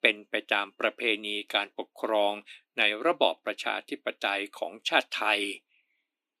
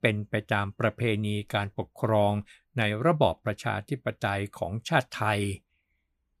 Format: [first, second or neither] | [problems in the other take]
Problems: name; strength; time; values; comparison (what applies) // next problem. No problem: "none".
second | thin; somewhat; fading below 300 Hz